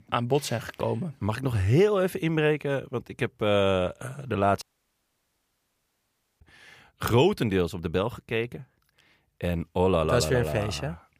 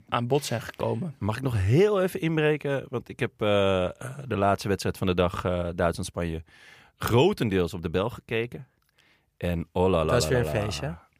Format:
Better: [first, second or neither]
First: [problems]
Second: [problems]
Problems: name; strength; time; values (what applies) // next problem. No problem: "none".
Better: second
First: audio cutting out; at 4.5 s for 2 s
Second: none